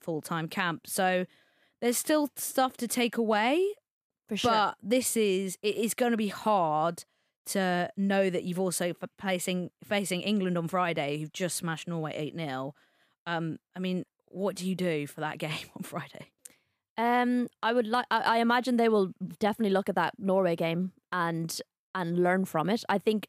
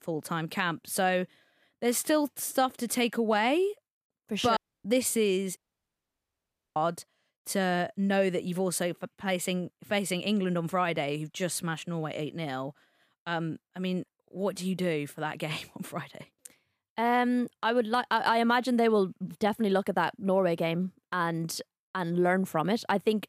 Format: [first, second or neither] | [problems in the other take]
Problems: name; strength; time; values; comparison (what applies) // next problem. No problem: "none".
first | audio cutting out; at 4.5 s and at 5.5 s for 1 s